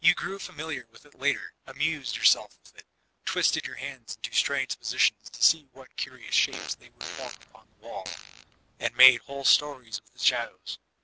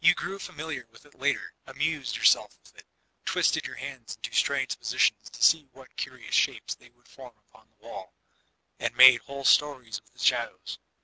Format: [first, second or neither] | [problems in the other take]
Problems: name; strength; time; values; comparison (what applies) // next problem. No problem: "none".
second | background sound (Fart); 12 dB below the speech